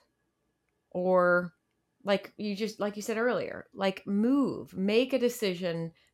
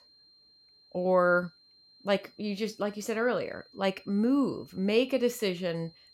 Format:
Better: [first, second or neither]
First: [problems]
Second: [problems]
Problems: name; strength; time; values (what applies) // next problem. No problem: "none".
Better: first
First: none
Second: high-pitched whine; faint; throughout; 4 kHz, 30 dB below the speech